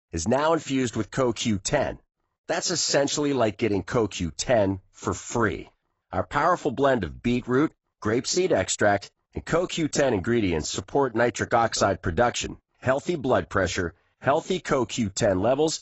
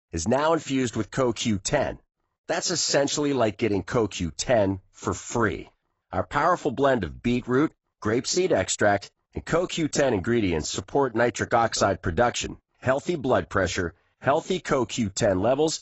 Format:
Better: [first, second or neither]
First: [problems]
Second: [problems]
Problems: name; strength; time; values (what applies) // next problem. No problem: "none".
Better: neither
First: garbled, watery; badly; nothing above 8 kHz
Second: garbled, watery; badly; nothing above 8 kHz